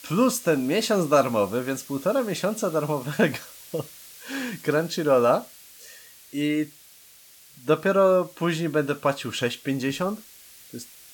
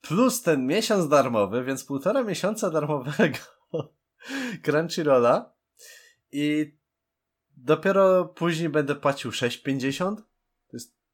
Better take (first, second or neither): second